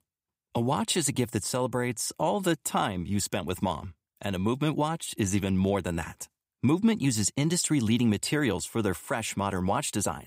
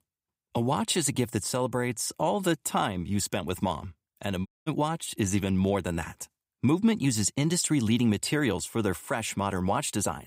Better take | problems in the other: first | audio cutting out; at 4.5 s

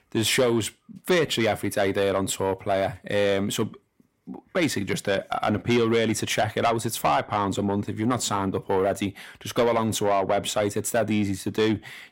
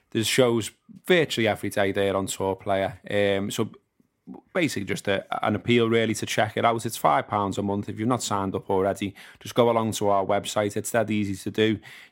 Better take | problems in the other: second | distortion; slight; 10 dB below the speech

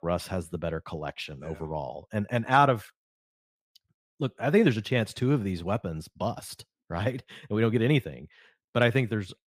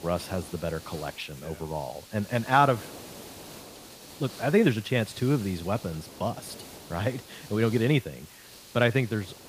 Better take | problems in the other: first | hiss; noticeable; throughout; 15 dB below the speech

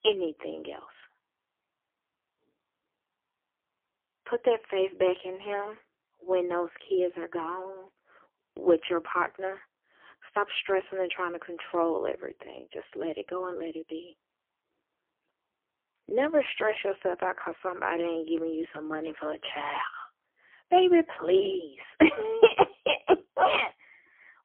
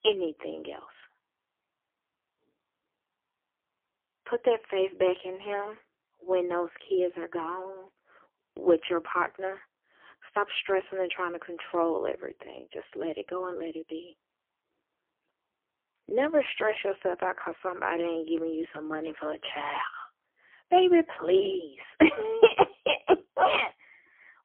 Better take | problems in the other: neither | phone-call audio; poor line; nothing above 3.5 kHz; the same in both

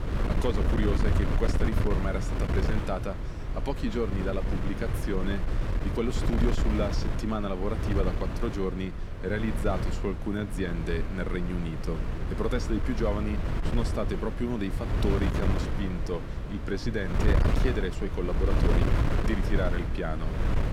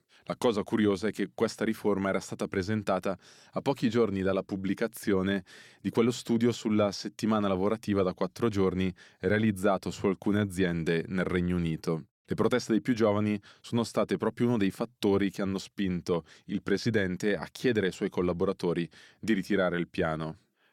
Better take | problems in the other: second | wind noise on the microphone; heavy; 3 dB below the speech

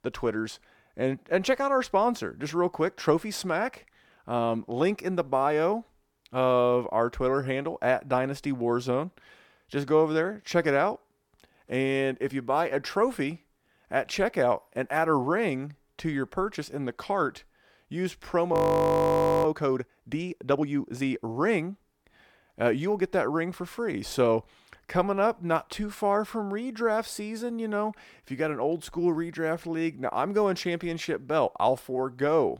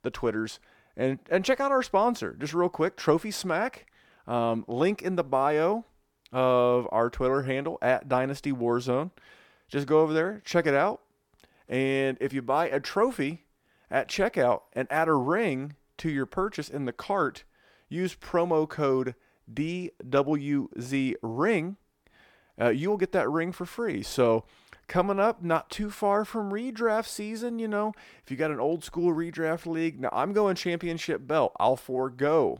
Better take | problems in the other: second | audio freezing; at 19 s for 1 s

